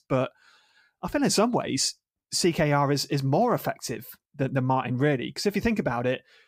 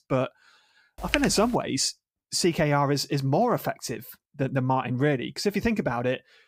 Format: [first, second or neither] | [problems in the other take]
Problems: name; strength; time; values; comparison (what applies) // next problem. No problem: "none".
first | keyboard typing; noticeable; at 1 s; peak 3 dB below the speech